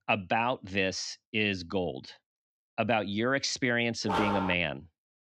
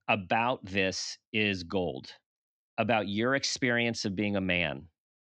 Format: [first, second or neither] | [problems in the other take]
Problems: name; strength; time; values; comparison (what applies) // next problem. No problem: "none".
second | dog barking; noticeable; at 4 s; peak 1 dB below the speech